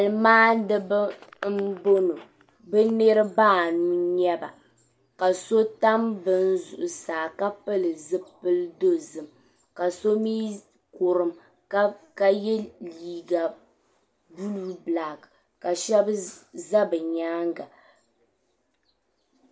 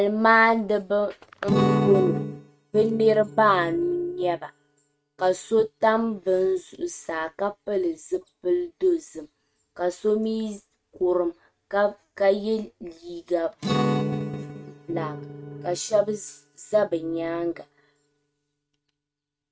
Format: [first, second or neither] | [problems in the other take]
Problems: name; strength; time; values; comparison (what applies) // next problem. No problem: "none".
first | noise reduction (neural mask model RNNoise)